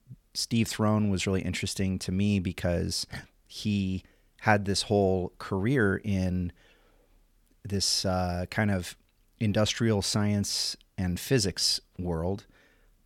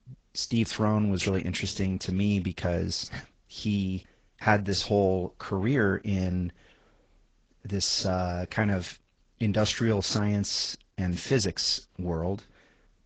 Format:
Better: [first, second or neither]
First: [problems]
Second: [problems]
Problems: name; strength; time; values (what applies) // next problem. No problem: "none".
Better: first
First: none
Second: garbled, watery; badly; nothing above 7.5 kHz